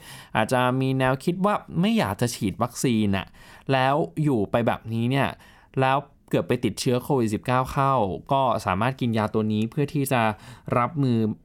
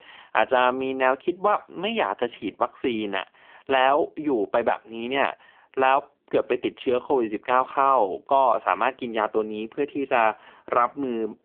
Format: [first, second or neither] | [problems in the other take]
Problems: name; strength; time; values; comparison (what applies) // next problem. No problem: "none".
first | phone-call audio; poor line; nothing above 3.5 kHz